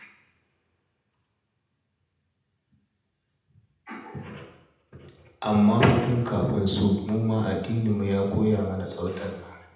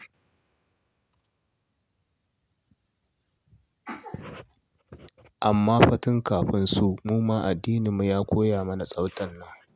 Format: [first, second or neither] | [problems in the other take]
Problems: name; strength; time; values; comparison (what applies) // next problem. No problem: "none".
second | room echo; dies away in 0.8 s